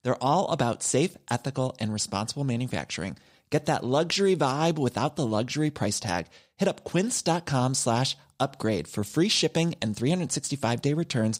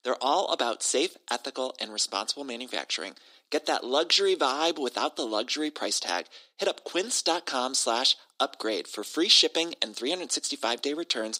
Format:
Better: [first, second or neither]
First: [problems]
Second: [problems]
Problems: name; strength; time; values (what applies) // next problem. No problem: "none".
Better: first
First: none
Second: thin; somewhat; fading below 300 Hz